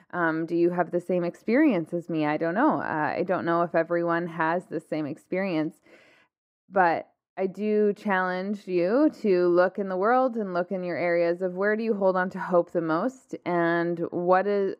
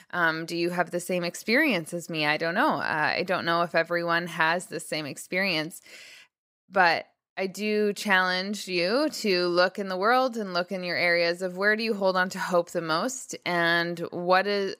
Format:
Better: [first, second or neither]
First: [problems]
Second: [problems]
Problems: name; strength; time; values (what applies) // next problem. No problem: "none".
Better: second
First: muffled; very; fading above 2 kHz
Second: none